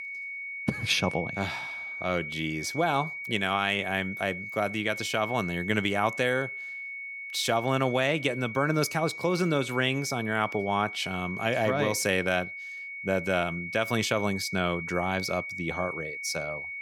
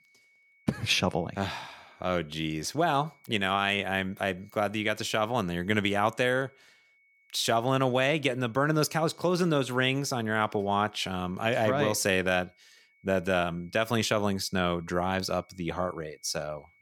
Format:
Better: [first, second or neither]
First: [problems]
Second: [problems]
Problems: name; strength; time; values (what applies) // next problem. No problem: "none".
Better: second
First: high-pitched whine; loud; throughout; 2 kHz, 7 dB below the speech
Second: high-pitched whine; faint; throughout; 2 kHz, 35 dB below the speech